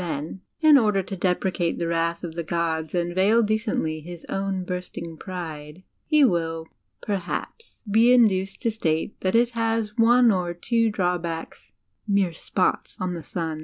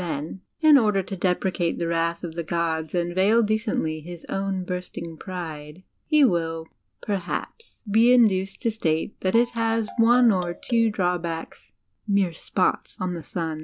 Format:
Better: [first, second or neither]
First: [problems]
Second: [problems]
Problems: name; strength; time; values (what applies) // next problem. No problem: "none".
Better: first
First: none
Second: background sound (Marimba, xylophone); 18 dB below the speech